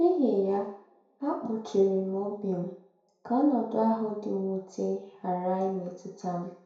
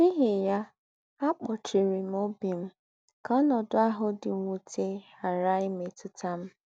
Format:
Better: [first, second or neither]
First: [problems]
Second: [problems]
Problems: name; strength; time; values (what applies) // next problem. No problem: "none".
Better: second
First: room echo; dies away in 0.6 s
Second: none